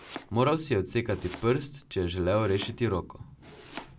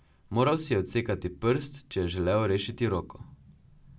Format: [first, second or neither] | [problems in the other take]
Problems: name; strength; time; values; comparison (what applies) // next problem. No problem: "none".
second | background sound (Domestic sounds, home sounds); 19 dB below the speech